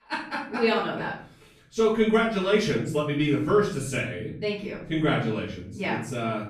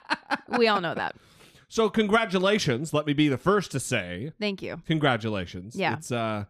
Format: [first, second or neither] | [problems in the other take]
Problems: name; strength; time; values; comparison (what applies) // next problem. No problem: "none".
second | off-mic speech; far // room echo; noticeable; dies away in 0.5 s